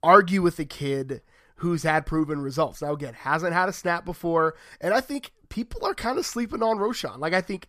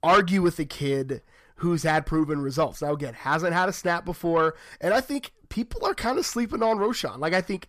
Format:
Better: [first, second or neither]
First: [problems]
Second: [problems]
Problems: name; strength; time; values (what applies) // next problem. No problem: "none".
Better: first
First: none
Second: distortion; slight; 10 dB below the speech